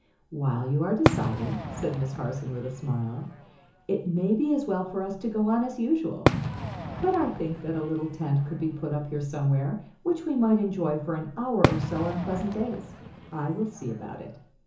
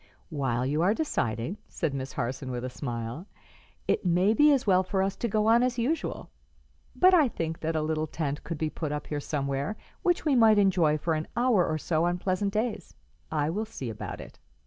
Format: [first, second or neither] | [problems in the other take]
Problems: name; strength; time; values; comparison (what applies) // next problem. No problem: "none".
second | background sound (Fireworks); 3 dB below the speech // room echo; dies away in 0.7 s